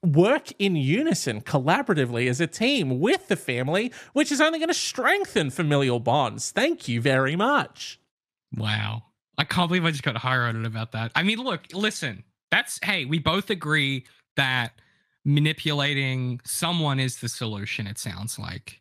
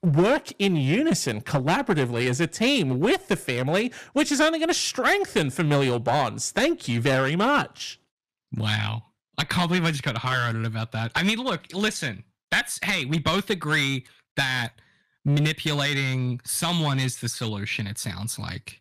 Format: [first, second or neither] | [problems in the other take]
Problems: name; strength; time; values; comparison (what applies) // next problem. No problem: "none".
first | distortion; slight; 5% of the sound clipped